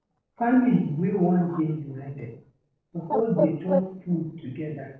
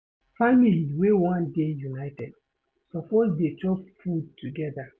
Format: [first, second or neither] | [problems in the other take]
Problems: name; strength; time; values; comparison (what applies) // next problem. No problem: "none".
second | noise reduction (neural separator model SepFormer DNS4)